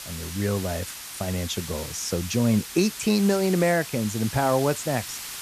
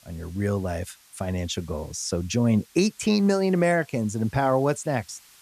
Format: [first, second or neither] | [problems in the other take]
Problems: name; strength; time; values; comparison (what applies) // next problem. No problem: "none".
second | hiss; loud; throughout; 9 dB below the speech; faint in the second